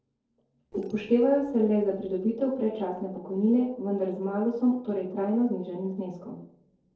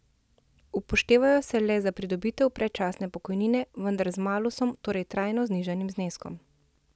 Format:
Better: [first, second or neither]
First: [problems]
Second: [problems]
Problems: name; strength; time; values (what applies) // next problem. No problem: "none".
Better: second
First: noise reduction (neural separator model SepFormer DNS4)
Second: none